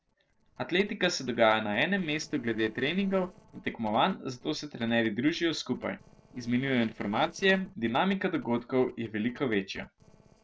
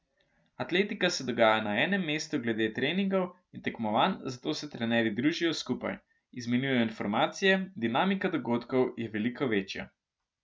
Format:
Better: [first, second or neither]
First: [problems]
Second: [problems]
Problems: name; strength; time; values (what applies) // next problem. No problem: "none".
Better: second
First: noise reduction (neural separator model SepFormer DNS4)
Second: none